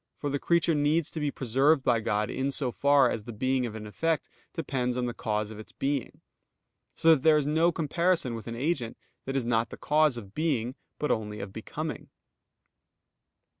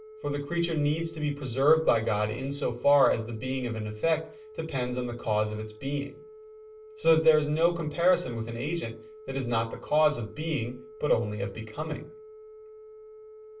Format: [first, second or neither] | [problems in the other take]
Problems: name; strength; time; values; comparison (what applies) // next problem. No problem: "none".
first | background sound (Telephone); 19 dB below the speech // room echo; dies away in 0.3 s